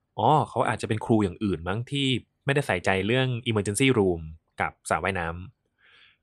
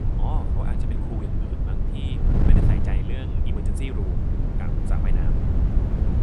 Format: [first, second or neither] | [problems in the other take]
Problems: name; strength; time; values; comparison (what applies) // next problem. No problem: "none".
first | wind noise on the microphone; heavy; 4 dB above the speech